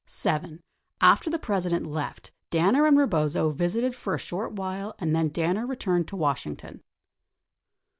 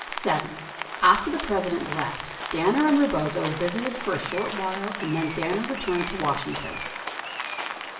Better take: first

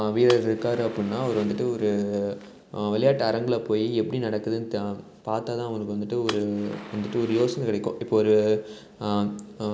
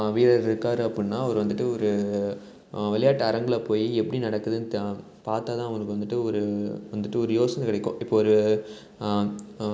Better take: second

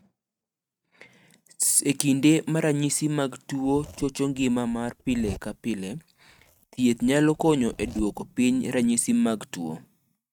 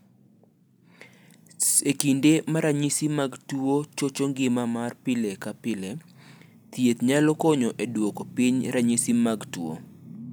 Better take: second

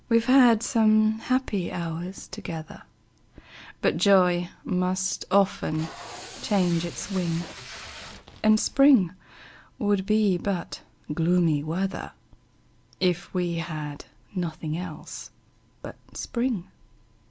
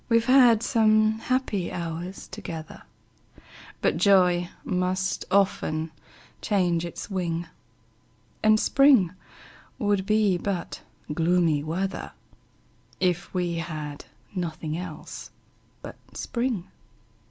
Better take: second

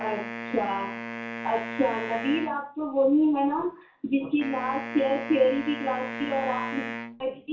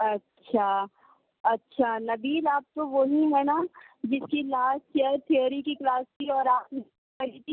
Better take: second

